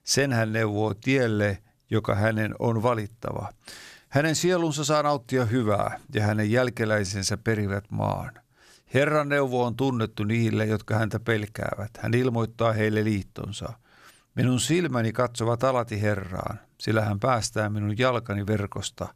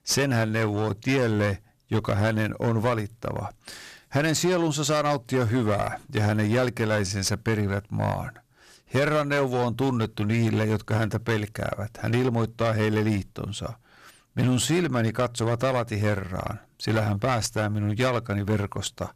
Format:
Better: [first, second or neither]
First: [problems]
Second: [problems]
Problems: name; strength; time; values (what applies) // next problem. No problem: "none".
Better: first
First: none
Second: distortion; slight; 10% of the sound clipped